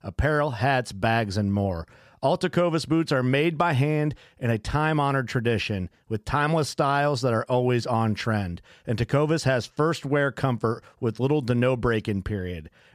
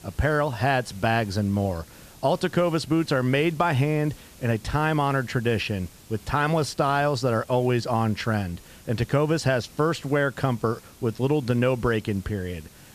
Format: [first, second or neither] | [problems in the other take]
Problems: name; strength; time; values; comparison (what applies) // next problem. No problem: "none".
first | hiss; faint; throughout; 25 dB below the speech